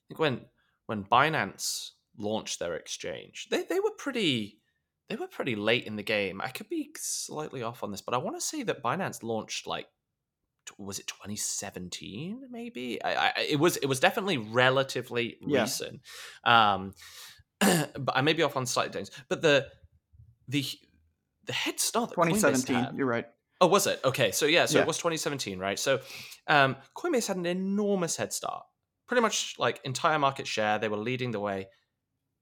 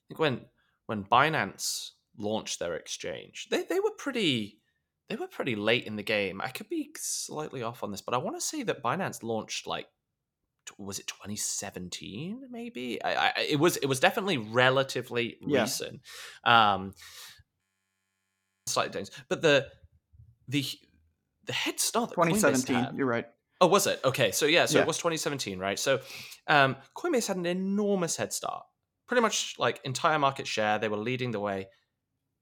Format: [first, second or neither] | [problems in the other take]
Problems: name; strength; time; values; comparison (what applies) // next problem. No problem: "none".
first | audio freezing; at 18 s for 1 s